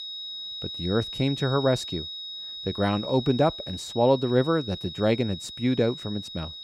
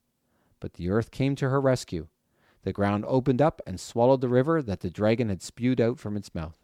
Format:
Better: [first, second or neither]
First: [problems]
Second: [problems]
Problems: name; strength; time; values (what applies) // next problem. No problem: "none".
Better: second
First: high-pitched whine; loud; throughout; 4 kHz, 9 dB below the speech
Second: none